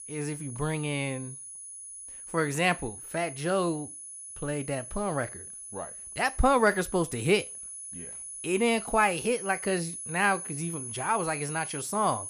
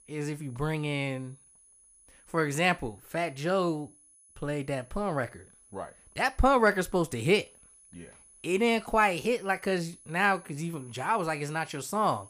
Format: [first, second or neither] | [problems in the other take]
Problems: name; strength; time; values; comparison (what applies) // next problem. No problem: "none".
second | high-pitched whine; loud; throughout; 10 kHz, 9 dB below the speech; faint in the second